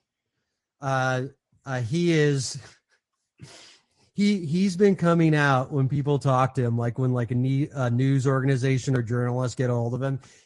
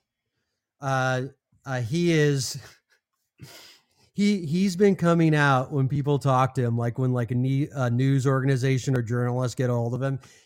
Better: second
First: garbled, watery; slightly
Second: none

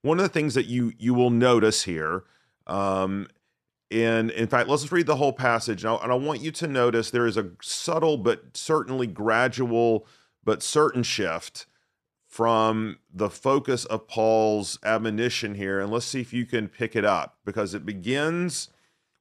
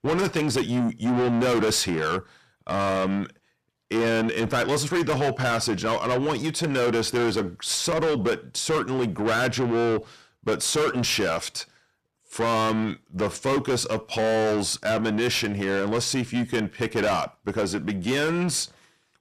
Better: first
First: none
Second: distortion; heavy; 6 dB below the speech

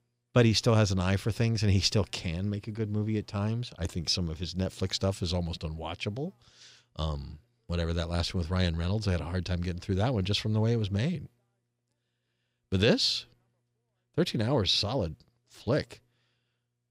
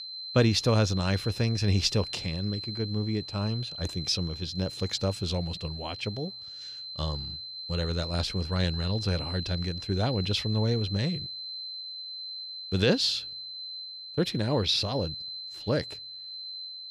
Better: first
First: none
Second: high-pitched whine; loud; throughout; 4 kHz, 8 dB below the speech

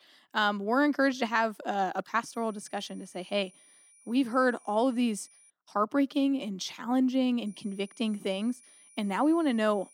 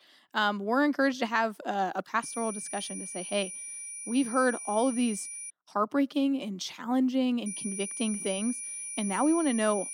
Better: first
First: high-pitched whine; faint; from 2 to 5.5 s and from 7.5 s on; 9.5 kHz, 25 dB below the speech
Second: high-pitched whine; loud; from 2 to 5.5 s and from 7.5 s on; 9.5 kHz, 7 dB below the speech

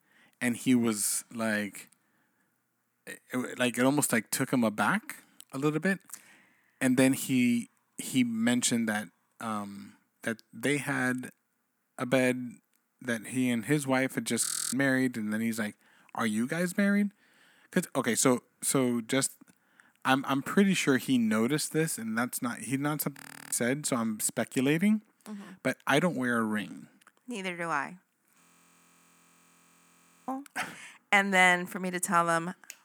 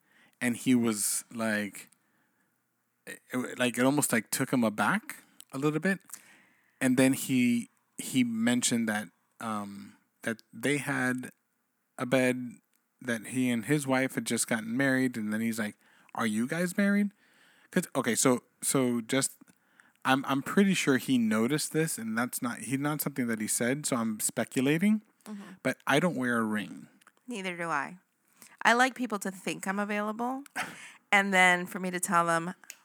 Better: second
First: audio freezing; at 14 s, at 23 s and at 28 s for 2 s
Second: none

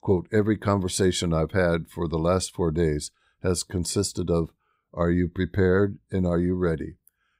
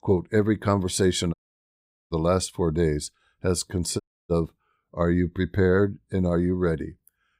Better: first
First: none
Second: audio cutting out; at 1.5 s for 1 s and at 4 s

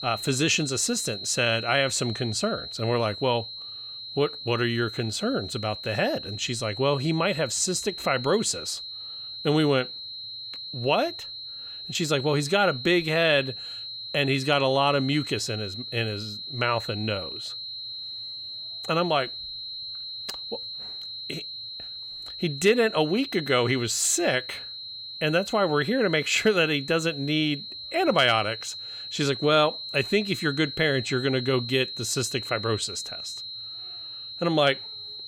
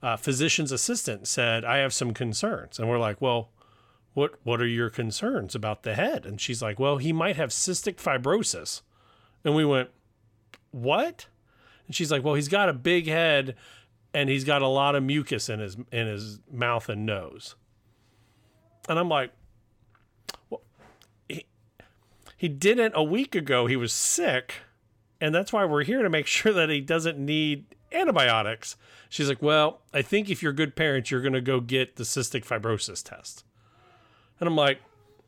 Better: second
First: high-pitched whine; loud; throughout; 4 kHz, 9 dB below the speech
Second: none

